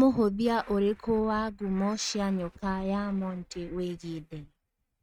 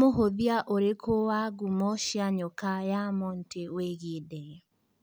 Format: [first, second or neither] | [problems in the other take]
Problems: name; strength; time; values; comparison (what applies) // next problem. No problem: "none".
second | noise reduction (neural mask model RNNoise)